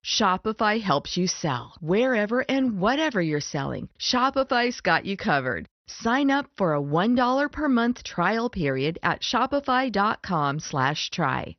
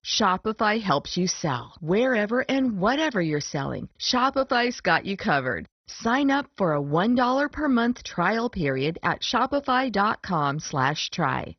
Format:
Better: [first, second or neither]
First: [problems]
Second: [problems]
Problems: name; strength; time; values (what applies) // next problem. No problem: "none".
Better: first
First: garbled, watery; slightly; nothing above 6 kHz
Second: garbled, watery; badly; nothing above 6 kHz